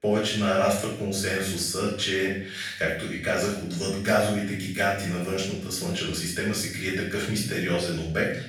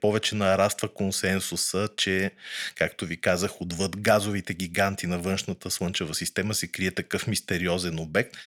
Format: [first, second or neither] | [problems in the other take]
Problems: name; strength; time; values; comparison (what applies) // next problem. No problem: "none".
second | off-mic speech; far // room echo; noticeable; dies away in 0.6 s